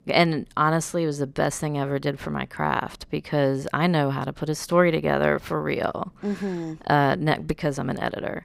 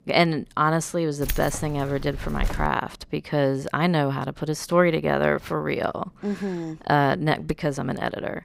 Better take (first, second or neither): first